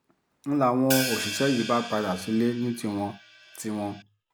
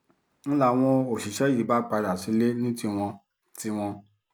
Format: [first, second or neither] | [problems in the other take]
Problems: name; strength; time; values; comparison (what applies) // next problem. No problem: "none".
second | background sound (Hi-hat); 8 dB below the speech